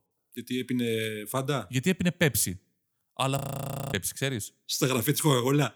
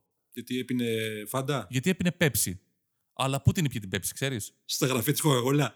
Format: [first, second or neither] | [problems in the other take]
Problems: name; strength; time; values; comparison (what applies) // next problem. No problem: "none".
second | audio freezing; at 3.5 s for 0.5 s